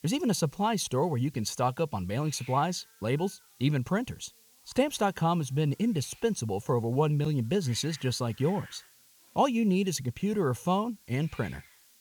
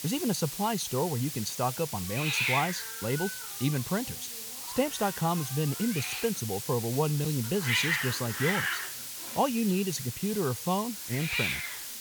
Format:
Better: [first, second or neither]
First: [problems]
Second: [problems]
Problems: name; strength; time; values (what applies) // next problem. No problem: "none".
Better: first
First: hiss; faint; throughout; 25 dB below the speech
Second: hiss; loud; throughout; 2 dB below the speech